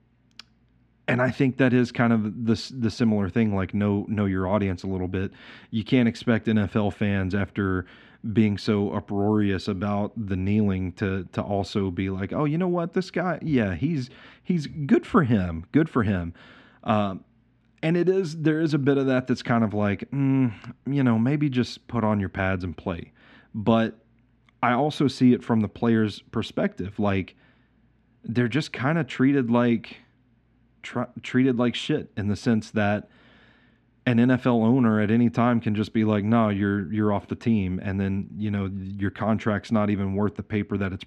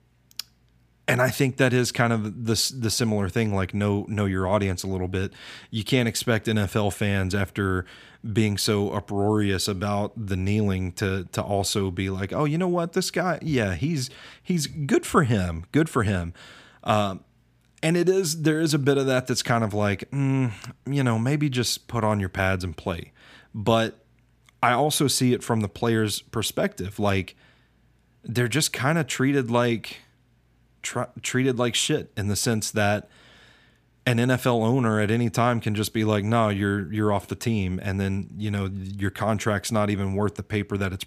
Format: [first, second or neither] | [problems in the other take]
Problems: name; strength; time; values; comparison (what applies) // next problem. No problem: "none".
second | muffled; slightly; fading above 3 kHz